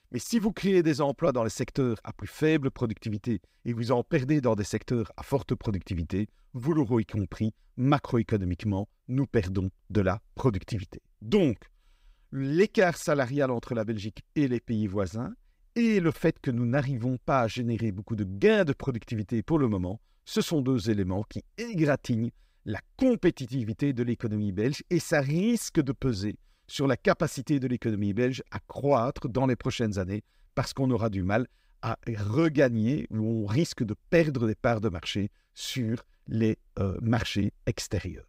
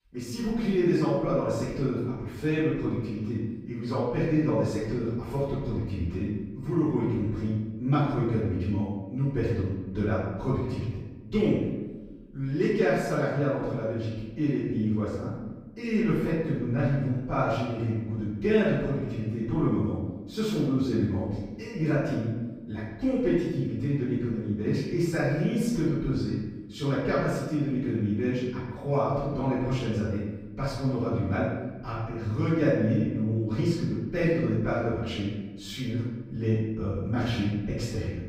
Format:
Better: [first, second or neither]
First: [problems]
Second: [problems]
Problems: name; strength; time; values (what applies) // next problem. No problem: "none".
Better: first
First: none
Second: off-mic speech; far // room echo; strong; dies away in 1.1 s